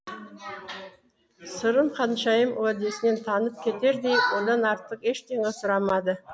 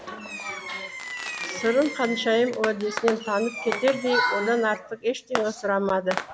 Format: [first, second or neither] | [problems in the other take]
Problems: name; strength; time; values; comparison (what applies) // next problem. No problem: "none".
first | background sound (Fireworks); 9 dB below the speech